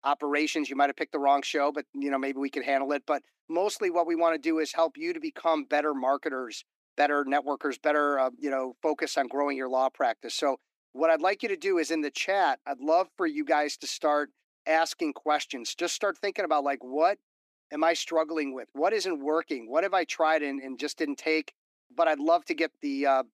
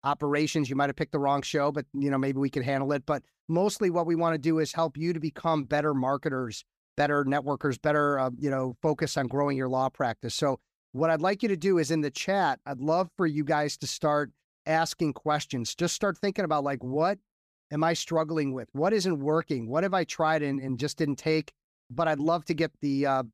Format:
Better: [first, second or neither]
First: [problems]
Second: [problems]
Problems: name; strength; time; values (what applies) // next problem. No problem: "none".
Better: second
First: thin; somewhat; fading below 300 Hz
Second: none